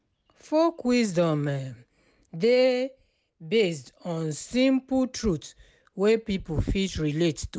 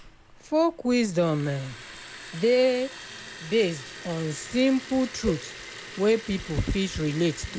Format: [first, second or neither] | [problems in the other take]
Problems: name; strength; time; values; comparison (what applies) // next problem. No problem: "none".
first | background sound (Liquid + Cowbell); 15 dB below the speech